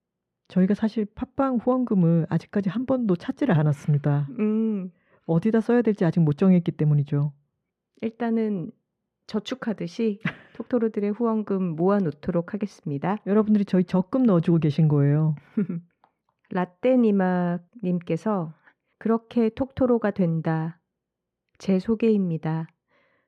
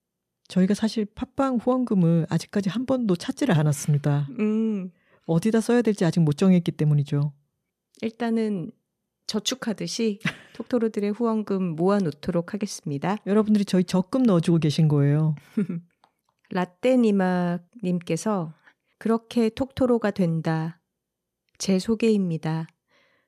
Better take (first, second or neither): second